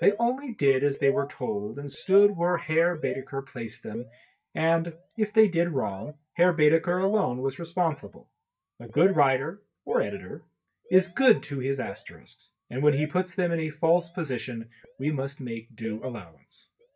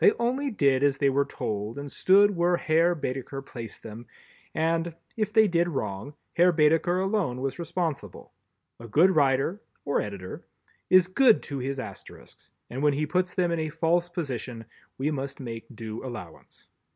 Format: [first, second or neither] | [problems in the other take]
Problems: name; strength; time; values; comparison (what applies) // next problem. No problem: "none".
second | noise reduction (neural mask model DeepFilterNet 3)